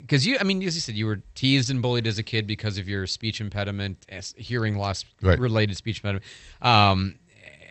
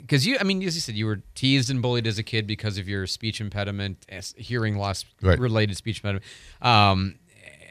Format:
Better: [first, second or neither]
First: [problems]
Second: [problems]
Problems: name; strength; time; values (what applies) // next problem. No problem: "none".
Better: second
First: garbled, watery; slightly; nothing above 8 kHz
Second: none